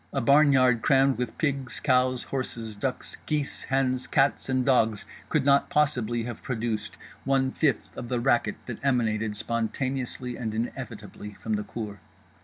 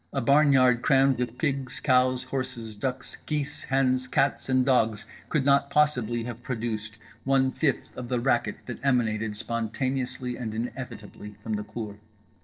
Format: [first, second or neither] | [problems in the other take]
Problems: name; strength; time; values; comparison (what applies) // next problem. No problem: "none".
first | noise reduction (neural separator model SepFormer DNS4)